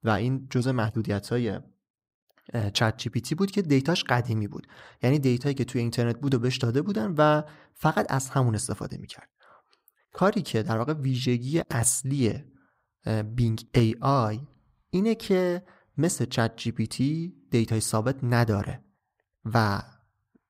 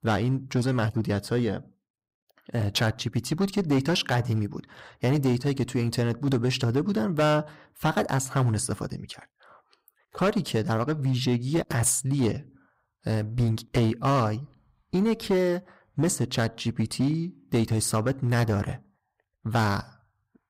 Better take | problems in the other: first | distortion; slight; 6% of the sound clipped

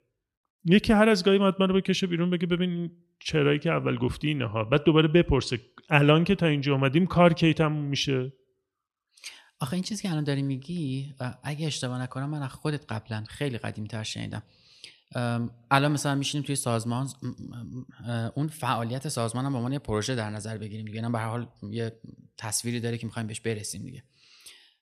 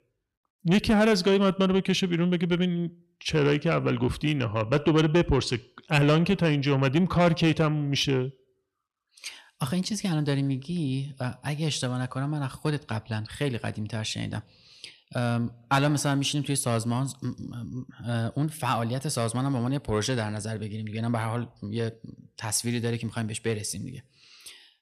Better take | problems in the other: first | distortion; slight; 10 dB below the speech

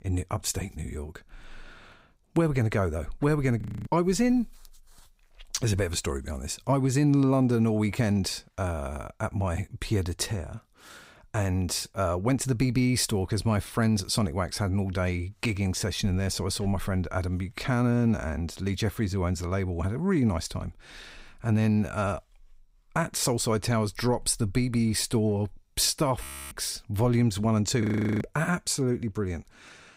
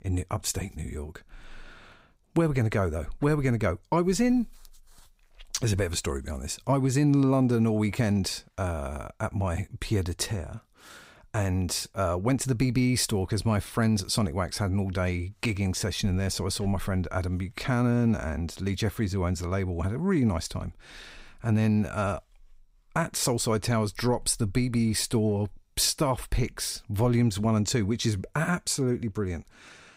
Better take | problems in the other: second | audio freezing; at 3.5 s, at 26 s and at 28 s

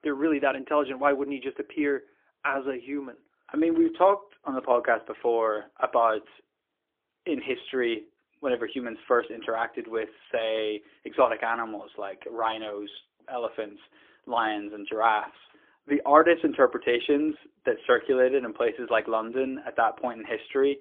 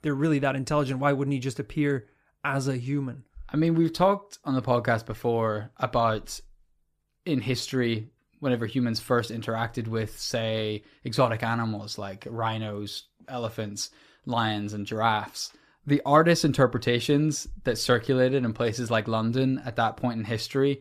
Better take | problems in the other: second | phone-call audio; poor line; nothing above 3.5 kHz

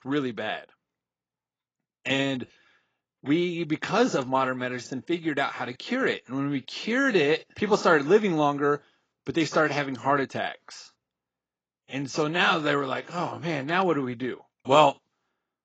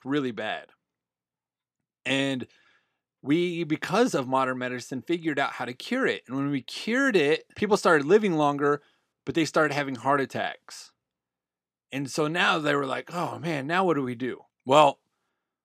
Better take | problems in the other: second | garbled, watery; badly; nothing above 7.5 kHz

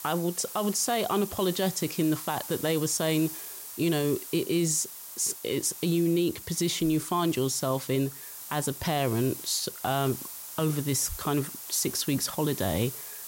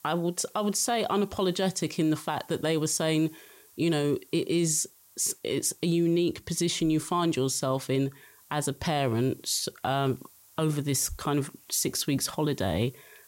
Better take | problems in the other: second | hiss; loud; throughout; 10 dB below the speech; faint in the second

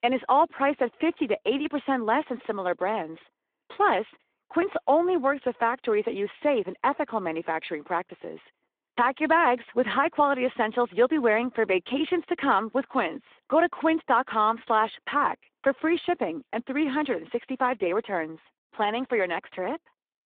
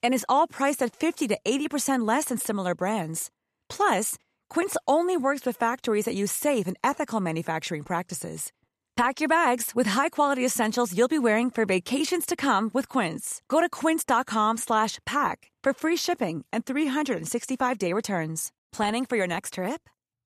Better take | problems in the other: second | phone-call audio

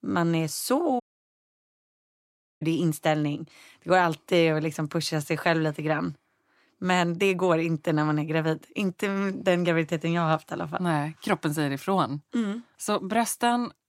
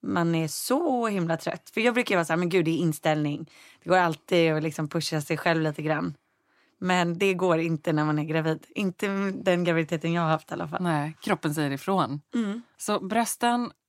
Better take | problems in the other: second | audio cutting out; at 1 s for 1.5 s

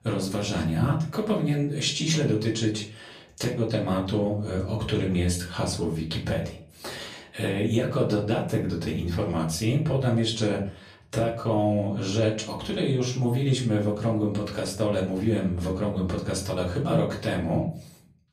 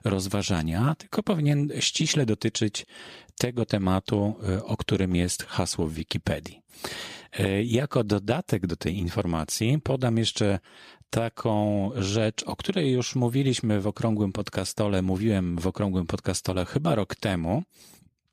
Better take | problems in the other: second | room echo; slight; dies away in 0.4 s // off-mic speech; far

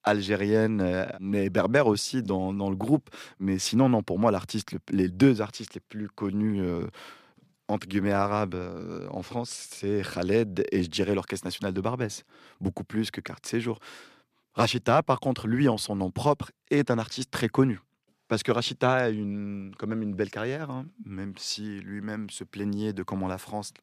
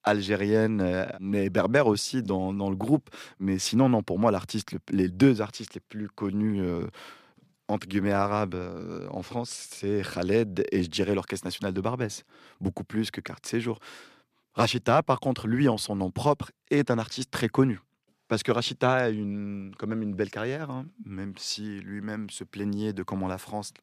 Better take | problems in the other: neither | none

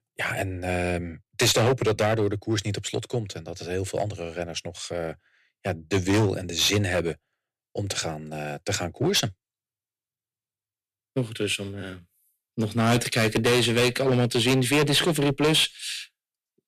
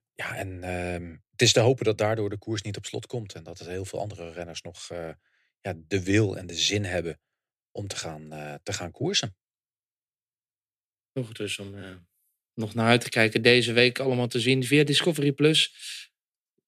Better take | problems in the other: second | distortion; heavy; 7% of the sound clipped

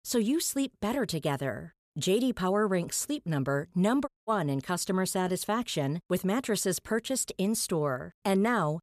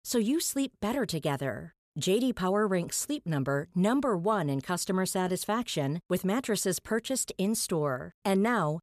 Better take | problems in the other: second | audio cutting out; at 4 s

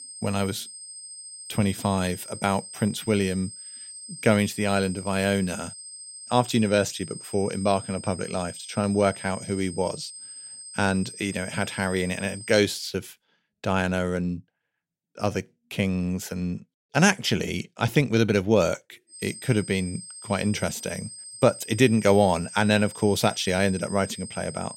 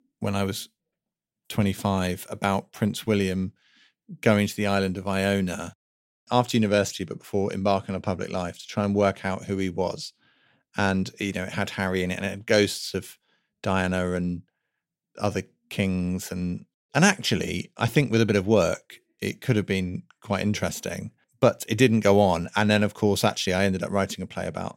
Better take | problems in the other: second | high-pitched whine; noticeable; until 13 s and from 19 s on; 8.5 kHz, 15 dB below the speech

